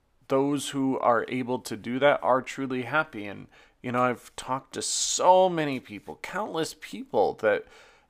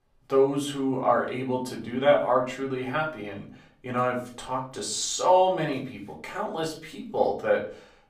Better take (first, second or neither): first